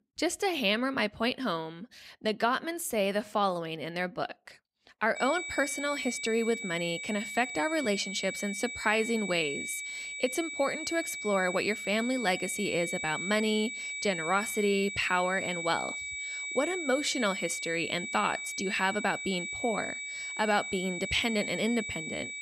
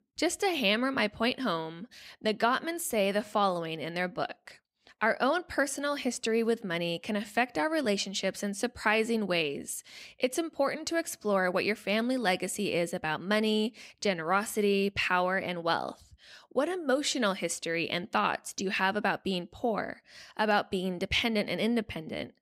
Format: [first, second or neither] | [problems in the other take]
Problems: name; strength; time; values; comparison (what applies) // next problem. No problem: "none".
second | high-pitched whine; loud; from 5 s on; 2.5 kHz, 5 dB below the speech